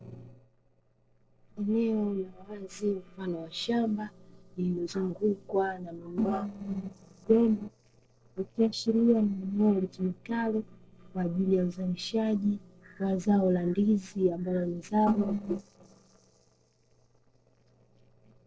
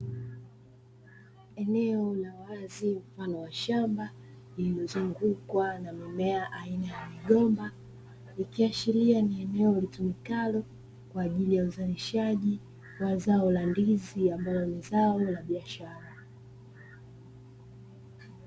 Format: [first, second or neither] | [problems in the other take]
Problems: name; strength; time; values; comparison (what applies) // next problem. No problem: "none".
second | noise reduction (neural separator model SepFormer DNS4)